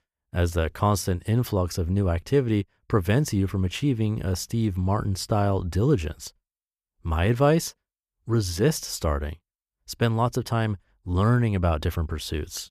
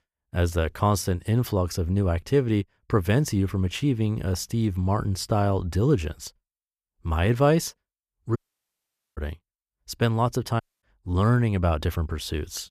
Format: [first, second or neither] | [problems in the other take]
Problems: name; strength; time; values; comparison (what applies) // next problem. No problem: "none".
first | audio cutting out; at 8.5 s for 1 s and at 11 s